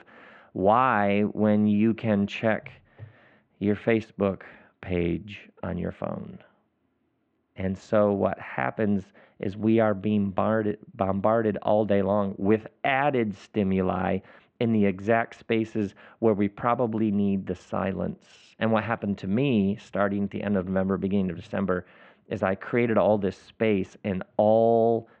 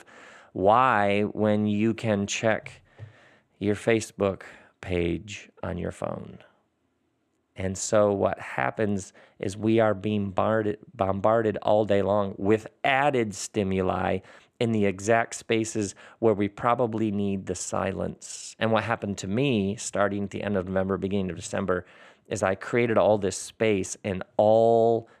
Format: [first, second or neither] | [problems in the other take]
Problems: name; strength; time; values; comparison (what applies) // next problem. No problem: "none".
second | muffled; very; fading above 3 kHz